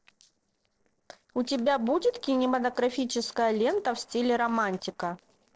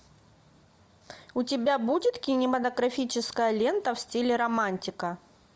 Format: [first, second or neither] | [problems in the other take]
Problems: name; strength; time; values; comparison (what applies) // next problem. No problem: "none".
second | noise reduction (neural separator model SepFormer DNS4)